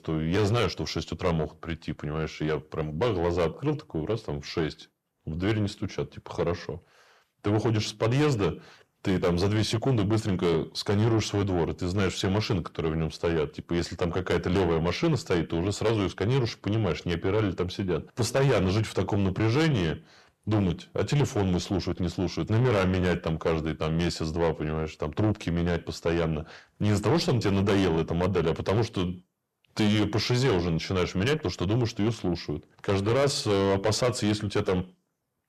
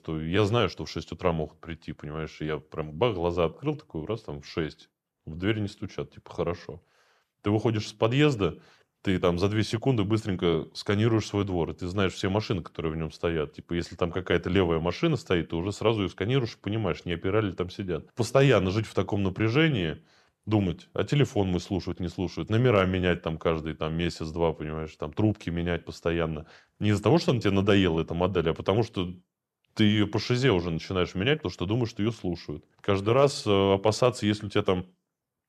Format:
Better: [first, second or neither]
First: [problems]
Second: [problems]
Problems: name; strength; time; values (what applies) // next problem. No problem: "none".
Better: second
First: distortion; heavy; 7 dB below the speech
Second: none